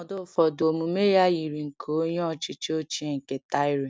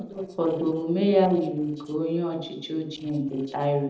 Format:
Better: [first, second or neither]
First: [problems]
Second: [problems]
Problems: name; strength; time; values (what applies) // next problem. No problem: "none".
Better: first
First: none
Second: noise reduction (neural separator model SepFormer DNS4)